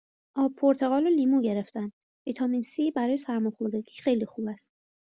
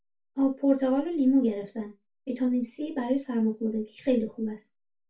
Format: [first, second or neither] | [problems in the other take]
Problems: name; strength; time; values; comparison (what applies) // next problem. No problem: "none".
first | room echo; dies away in 0.2 s